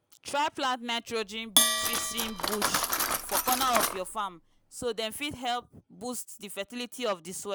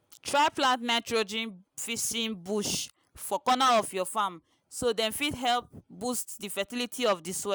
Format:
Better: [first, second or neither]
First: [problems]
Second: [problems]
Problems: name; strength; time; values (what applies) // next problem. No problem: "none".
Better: second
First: background sound (Cutlery, silverware + Bell); as loud as the speech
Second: none